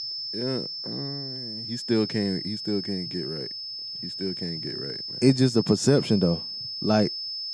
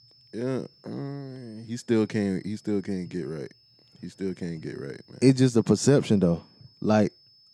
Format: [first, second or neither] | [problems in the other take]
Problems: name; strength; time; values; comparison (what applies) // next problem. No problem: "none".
second | high-pitched whine; loud; throughout; 5 kHz, 6 dB below the speech; faint in the second